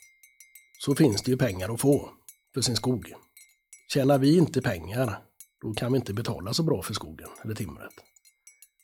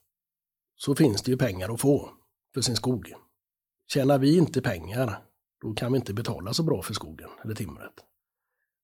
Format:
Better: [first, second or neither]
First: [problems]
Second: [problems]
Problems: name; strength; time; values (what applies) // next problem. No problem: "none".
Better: second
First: household noises; faint; throughout; 25 dB below the speech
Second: none